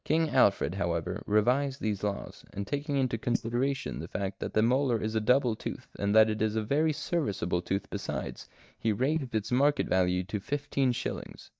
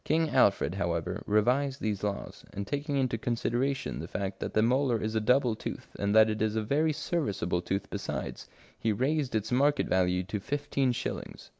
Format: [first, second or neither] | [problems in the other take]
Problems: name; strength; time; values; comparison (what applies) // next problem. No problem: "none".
second | noise reduction (neural mask model DeepFilterNet 3)